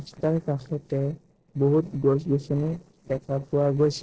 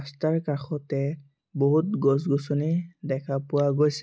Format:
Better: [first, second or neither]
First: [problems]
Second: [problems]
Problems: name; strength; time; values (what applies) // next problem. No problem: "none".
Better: second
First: noise reduction (neural separator model SepFormer DNS4)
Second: none